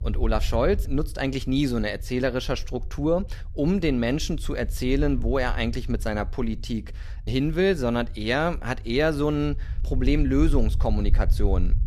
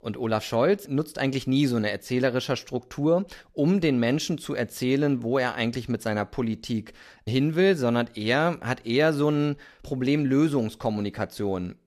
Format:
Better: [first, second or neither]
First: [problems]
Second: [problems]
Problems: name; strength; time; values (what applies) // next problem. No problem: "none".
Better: second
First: low rumble; faint; throughout; 25 dB below the speech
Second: none